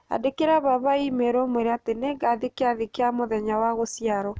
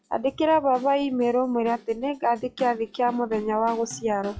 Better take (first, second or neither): first